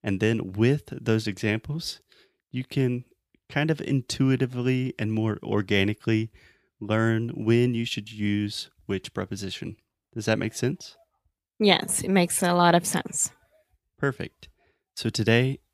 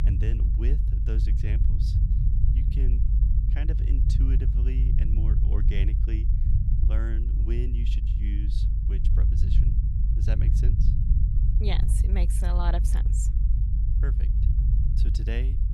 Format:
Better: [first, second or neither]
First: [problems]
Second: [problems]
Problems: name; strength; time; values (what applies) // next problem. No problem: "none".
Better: first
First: none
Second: low rumble; loud; throughout; 1 dB below the speech